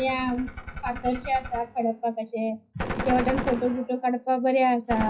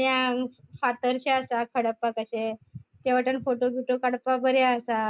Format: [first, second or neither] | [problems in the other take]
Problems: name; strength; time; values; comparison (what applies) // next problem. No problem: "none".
second | noise reduction (classical method WPE with log-MMSE)